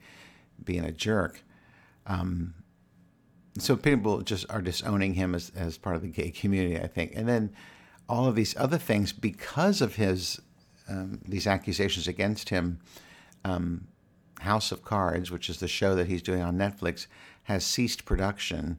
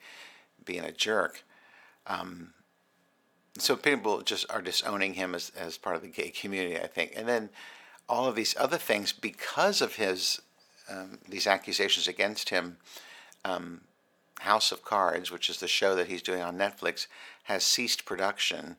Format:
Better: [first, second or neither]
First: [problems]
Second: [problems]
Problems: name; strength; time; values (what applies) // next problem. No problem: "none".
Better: first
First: none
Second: thin; somewhat; fading below 500 Hz